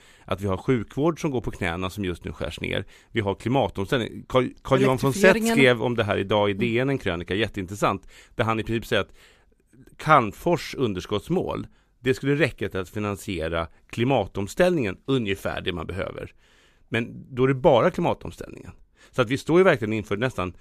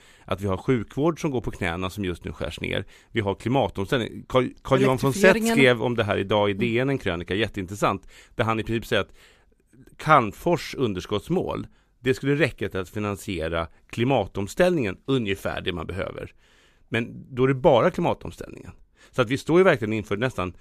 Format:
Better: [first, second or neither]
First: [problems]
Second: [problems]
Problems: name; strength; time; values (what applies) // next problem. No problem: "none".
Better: neither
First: none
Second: none